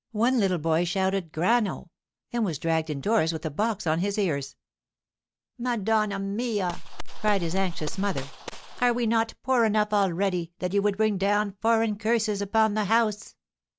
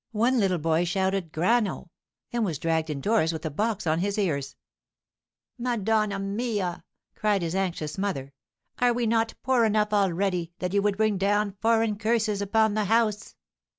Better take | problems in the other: second | background sound (Gunshot, gunfire); 2 dB below the speech

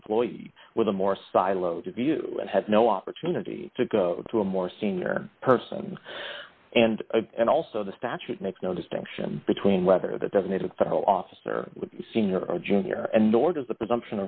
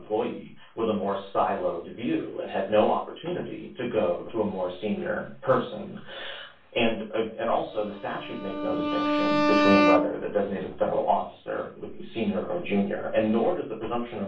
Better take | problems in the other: first | background sound (Bowed string instrument); 2 dB above the speech // room echo; dies away in 0.3 s

